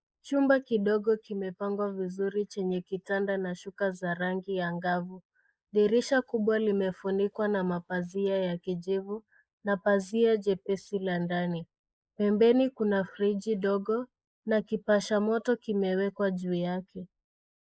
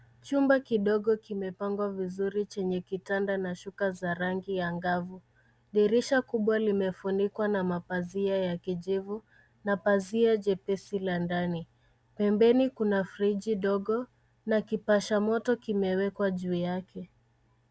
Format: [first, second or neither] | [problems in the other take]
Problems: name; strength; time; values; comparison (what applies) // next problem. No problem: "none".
second | noise reduction (neural mask model Resemble Enhance denoiser)